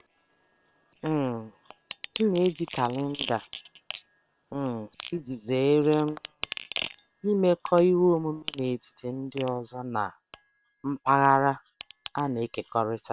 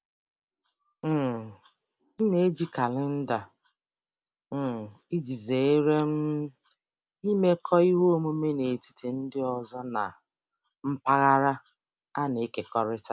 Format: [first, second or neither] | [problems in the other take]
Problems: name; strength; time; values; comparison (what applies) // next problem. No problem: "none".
second | noise reduction (neural separator model SepFormer WHAM!)